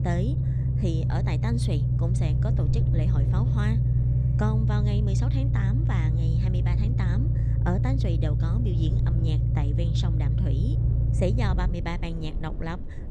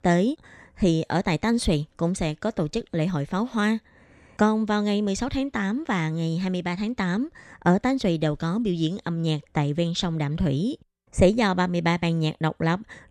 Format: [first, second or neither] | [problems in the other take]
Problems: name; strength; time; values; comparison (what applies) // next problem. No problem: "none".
second | low rumble; loud; throughout; 1 dB below the speech